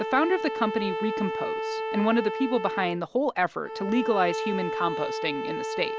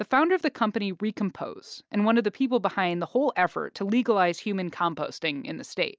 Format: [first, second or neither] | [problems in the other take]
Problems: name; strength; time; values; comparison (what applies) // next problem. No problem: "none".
second | background sound (Bowed string instrument); 4 dB below the speech